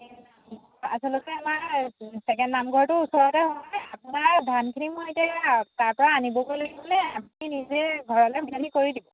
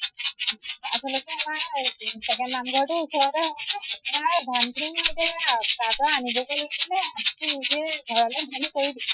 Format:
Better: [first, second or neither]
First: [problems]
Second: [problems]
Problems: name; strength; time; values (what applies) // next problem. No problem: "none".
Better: first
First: none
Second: noise reduction (classical method Wiener filter)